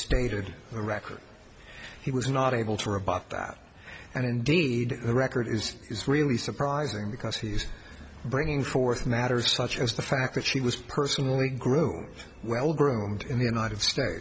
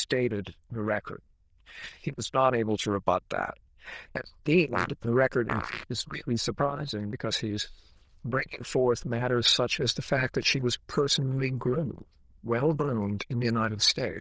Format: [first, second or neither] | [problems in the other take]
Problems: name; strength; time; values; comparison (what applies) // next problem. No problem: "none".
first | noise reduction (neural diffusion model UNIVERSE++)